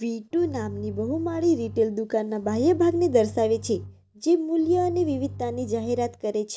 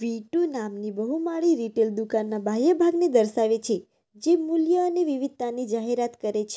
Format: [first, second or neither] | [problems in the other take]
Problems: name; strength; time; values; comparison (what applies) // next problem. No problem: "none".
second | background sound (Bowed string instrument); 14 dB below the speech